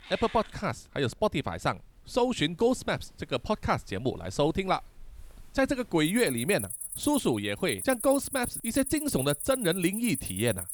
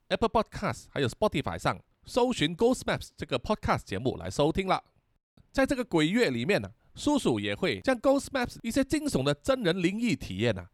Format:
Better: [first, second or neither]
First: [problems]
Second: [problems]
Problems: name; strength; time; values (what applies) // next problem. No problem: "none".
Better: second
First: animal sounds; loud; throughout; 7 dB below the speech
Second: none